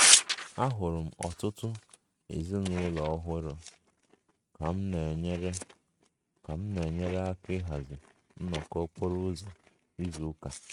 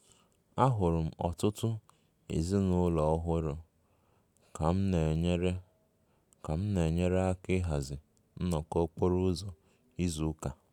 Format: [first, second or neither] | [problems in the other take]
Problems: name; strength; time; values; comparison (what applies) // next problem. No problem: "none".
second | noise reduction (neural mask model RNNoise)